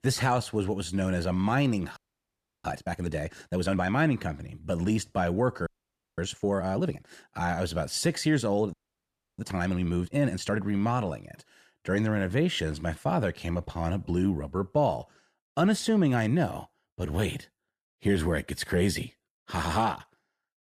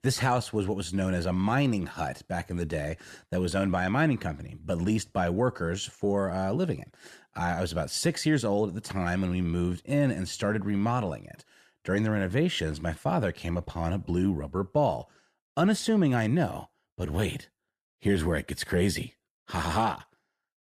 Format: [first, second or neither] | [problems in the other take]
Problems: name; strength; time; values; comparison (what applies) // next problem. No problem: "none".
second | audio freezing; at 2 s for 0.5 s, at 5.5 s for 0.5 s and at 8.5 s for 0.5 s